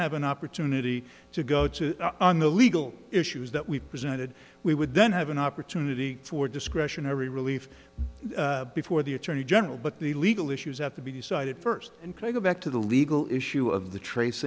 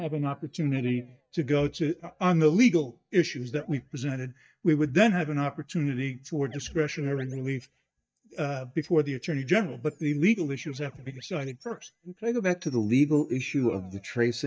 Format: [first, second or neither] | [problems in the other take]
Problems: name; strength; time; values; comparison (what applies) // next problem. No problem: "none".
first | noise reduction (neural mask model DeepFilterNet 3)